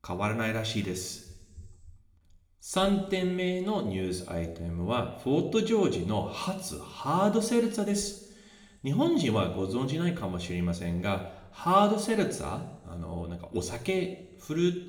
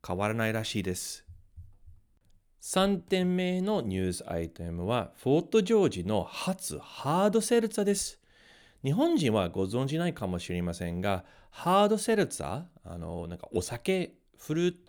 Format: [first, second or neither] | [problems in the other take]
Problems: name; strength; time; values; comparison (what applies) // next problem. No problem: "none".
second | room echo; slight; dies away in 1 s